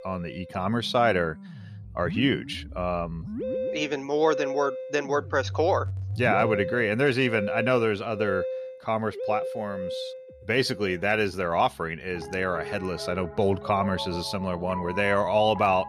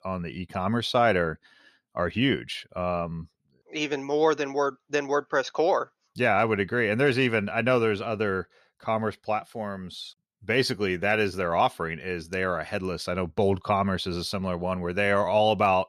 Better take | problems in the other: second | background music; loud; throughout; 9 dB below the speech

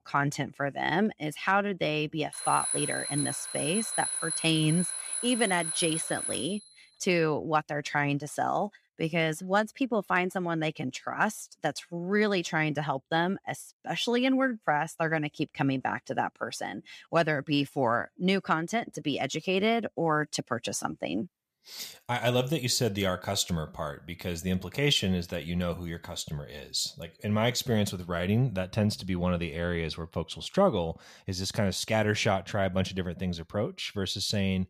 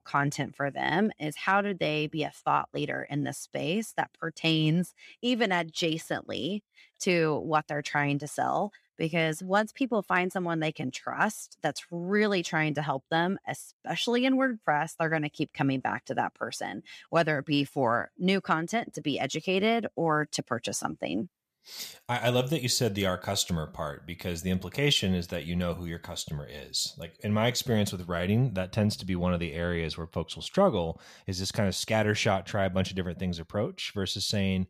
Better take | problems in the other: second | alarm; loud; from 2.5 to 6.5 s; peak level with the speech

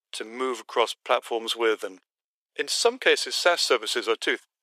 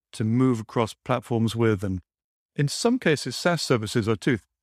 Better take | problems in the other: second | thin; very; fading below 400 Hz

